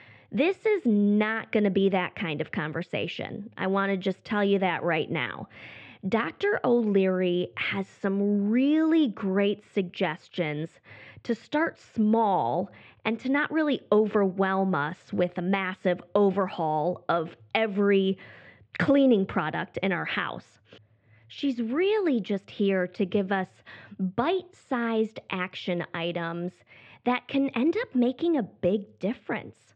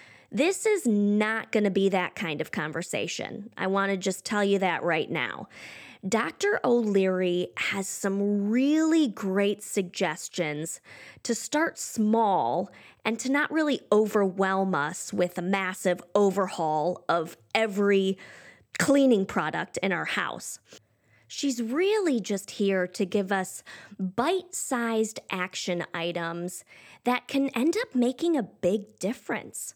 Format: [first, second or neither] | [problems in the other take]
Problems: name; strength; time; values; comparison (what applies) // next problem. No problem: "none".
second | muffled; very; fading above 3.5 kHz